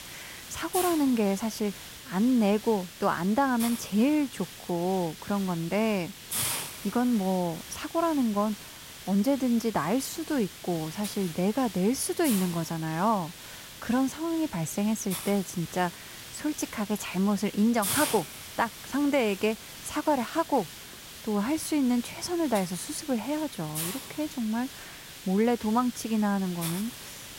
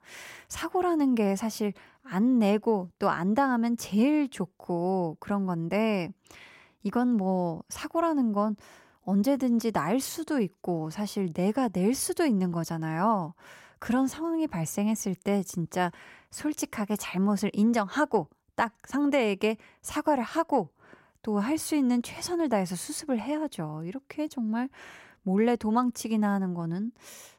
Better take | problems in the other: second | hiss; loud; throughout; 10 dB below the speech

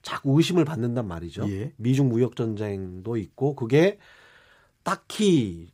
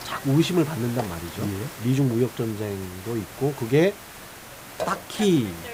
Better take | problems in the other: first | hiss; noticeable; throughout; 10 dB below the speech

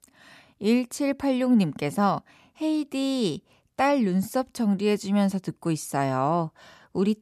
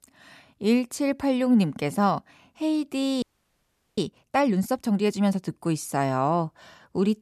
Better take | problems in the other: first | audio freezing; at 3 s for 1 s

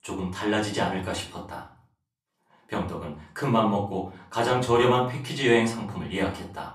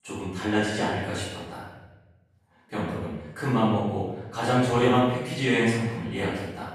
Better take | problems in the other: first | room echo; strong; dies away in 1 s; slight in the first // off-mic speech; far; far in the first

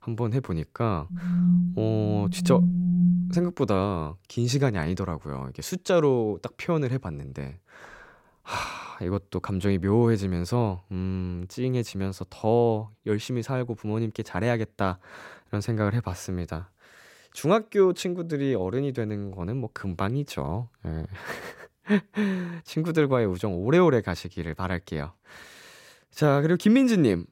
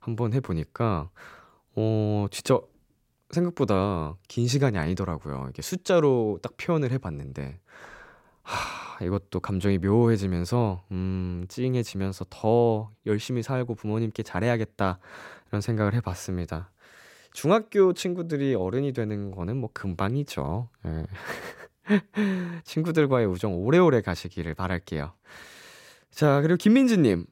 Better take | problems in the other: second | phone ringing; loud; from 1 to 3.5 s; peak 5 dB above the speech

